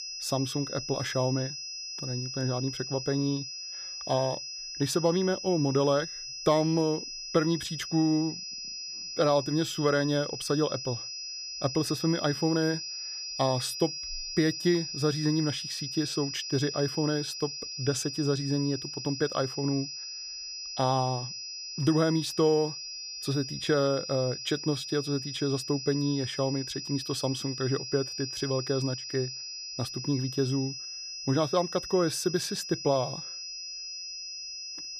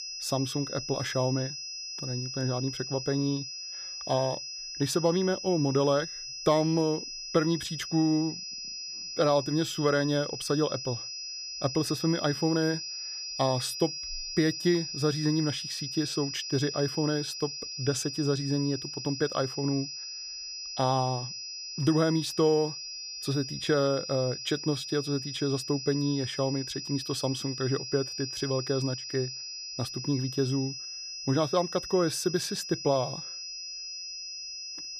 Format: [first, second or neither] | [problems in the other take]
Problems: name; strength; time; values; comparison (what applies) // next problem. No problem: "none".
neither | high-pitched whine; loud; throughout; 5 kHz, 6 dB below the speech; the same in both